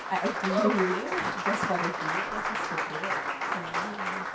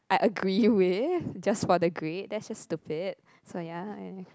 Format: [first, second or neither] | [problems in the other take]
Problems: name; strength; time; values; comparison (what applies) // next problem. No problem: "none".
second | background sound (Applause); 2 dB above the speech // room echo; dies away in 0.2 s